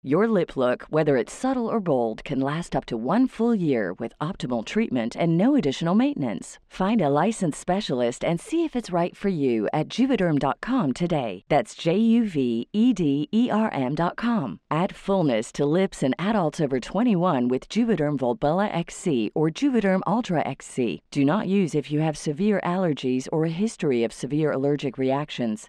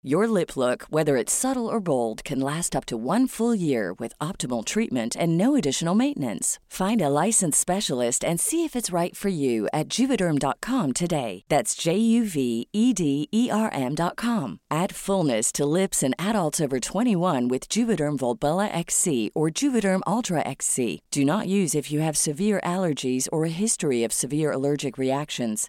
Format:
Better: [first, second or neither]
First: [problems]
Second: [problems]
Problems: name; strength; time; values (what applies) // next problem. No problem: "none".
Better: second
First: muffled; slightly; fading above 3 kHz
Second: none